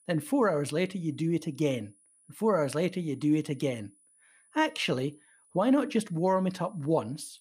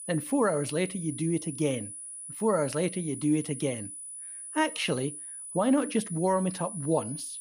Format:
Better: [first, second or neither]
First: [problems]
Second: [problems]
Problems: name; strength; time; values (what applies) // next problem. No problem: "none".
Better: first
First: high-pitched whine; faint; throughout; 10 kHz, 30 dB below the speech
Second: high-pitched whine; loud; throughout; 10 kHz, 9 dB below the speech